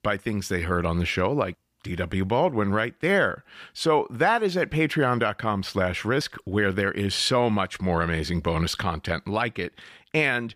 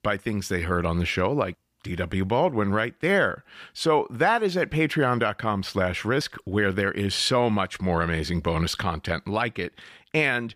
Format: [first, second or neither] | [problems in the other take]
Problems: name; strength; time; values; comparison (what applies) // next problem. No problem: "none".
neither | none